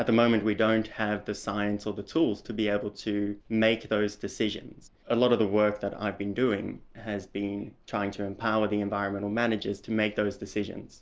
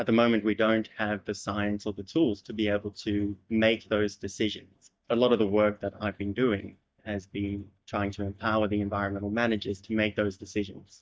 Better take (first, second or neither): first